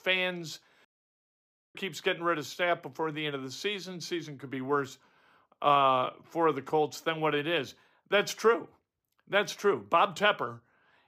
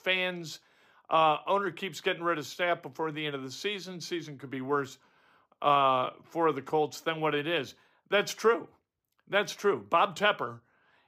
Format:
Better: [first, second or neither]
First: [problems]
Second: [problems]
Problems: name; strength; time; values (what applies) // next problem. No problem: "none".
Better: second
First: audio cutting out; at 1 s for 1 s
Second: none